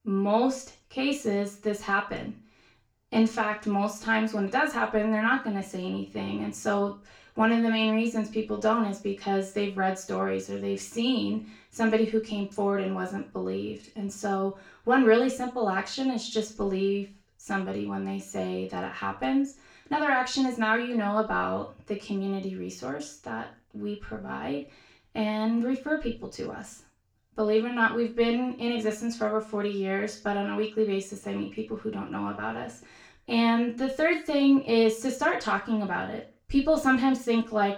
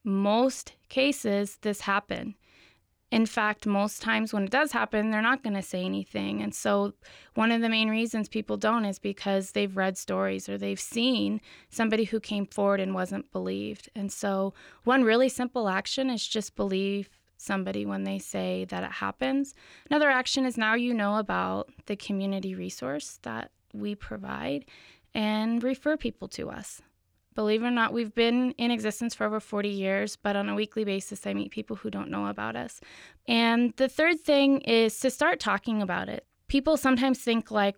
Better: second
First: room echo; slight; dies away in 0.3 s // off-mic speech; far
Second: none

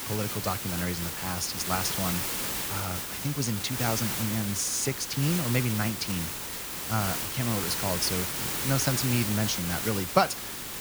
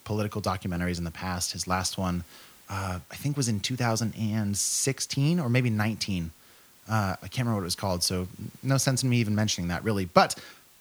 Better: second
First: hiss; loud; throughout; 1 dB below the speech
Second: hiss; faint; throughout; 25 dB below the speech

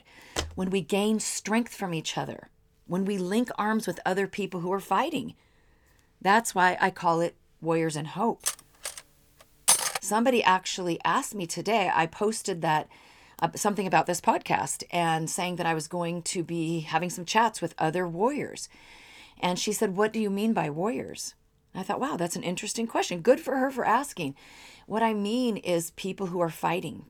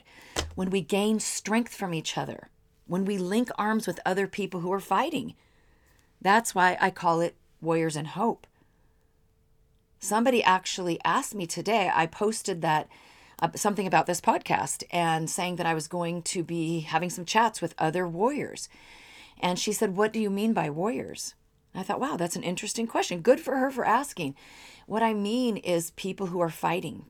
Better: second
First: clattering dishes; loud; from 8.5 to 10 s; peak 6 dB above the speech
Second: none

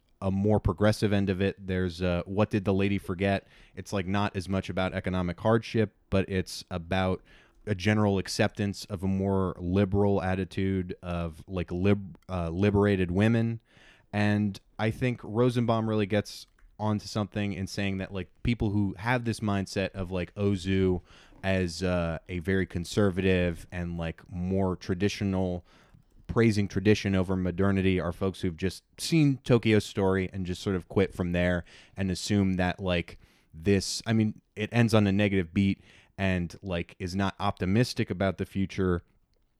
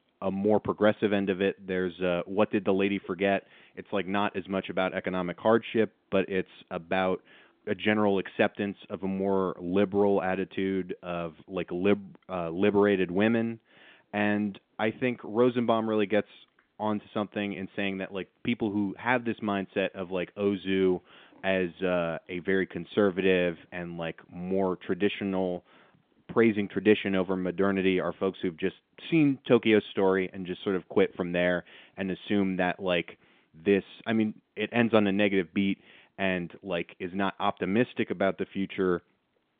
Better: first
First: none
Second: phone-call audio; nothing above 3.5 kHz

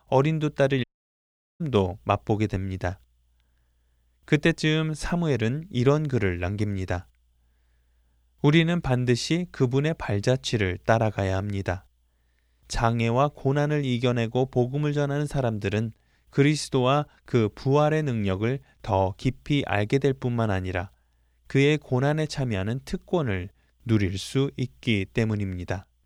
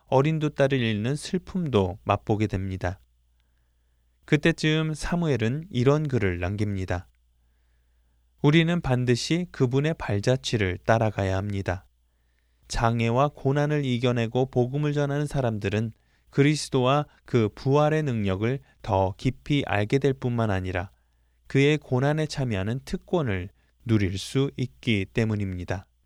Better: second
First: audio cutting out; at 1 s for 1 s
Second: none

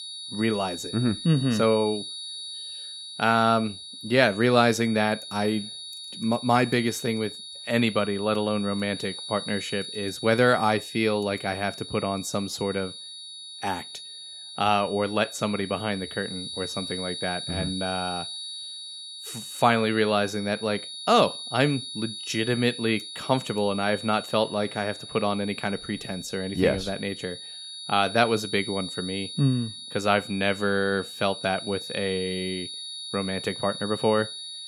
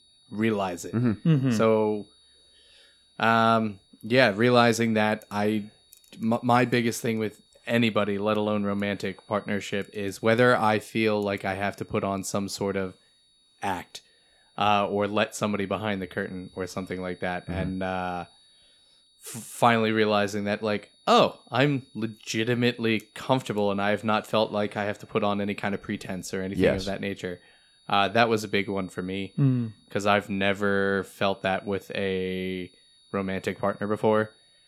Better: second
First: high-pitched whine; loud; throughout; 4 kHz, 10 dB below the speech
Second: high-pitched whine; faint; throughout; 4 kHz, 30 dB below the speech

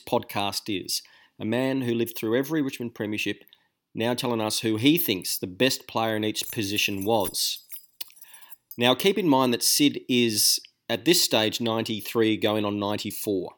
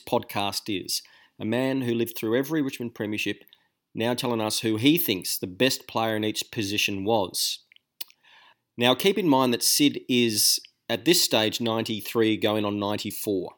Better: second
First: jangling keys; faint; from 6.5 to 8.5 s; peak 10 dB below the speech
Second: none

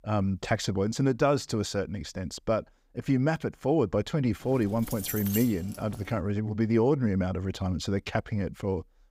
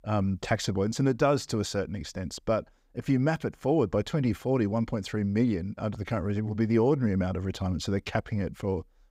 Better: second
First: jangling keys; noticeable; from 4.5 to 6 s; peak 4 dB below the speech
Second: none

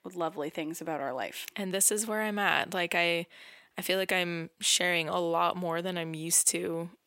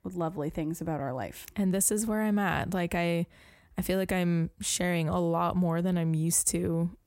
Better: second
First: thin; somewhat; fading below 350 Hz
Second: none

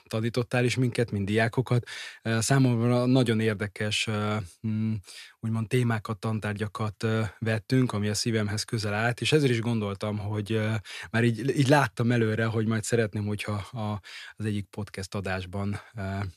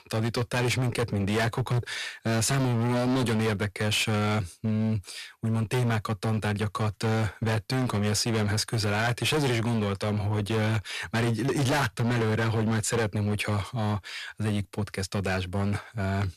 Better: first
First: none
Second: distortion; heavy; 23% of the sound clipped

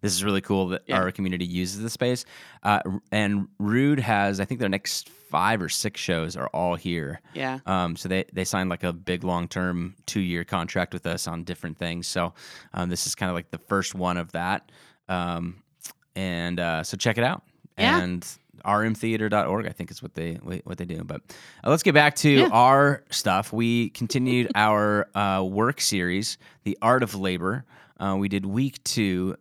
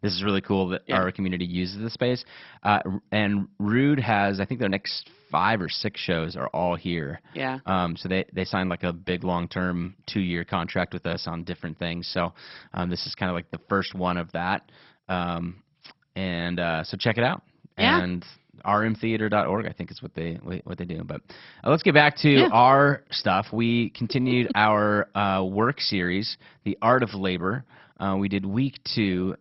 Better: first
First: none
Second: garbled, watery; badly; nothing above 5.5 kHz

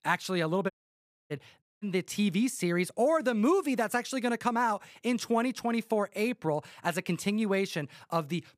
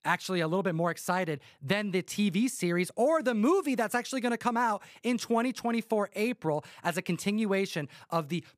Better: second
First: audio cutting out; at 0.5 s for 0.5 s and at 1.5 s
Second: none

